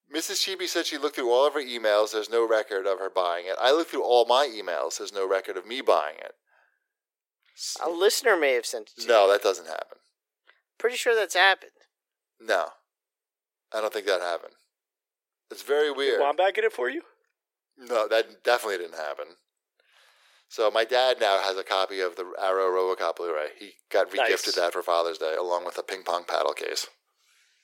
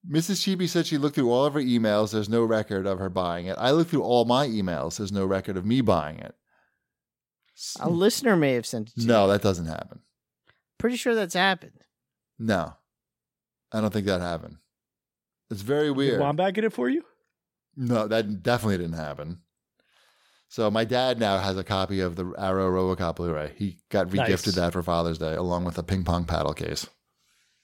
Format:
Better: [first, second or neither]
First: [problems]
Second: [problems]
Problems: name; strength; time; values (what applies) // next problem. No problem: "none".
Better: second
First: thin; very; fading below 400 Hz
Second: none